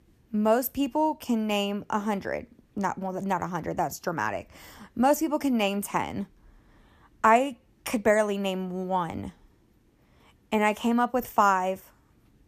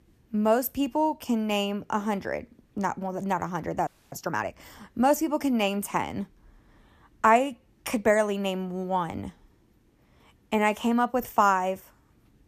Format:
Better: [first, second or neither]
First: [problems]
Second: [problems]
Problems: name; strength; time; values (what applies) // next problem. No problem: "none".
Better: first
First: none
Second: audio freezing; at 4 s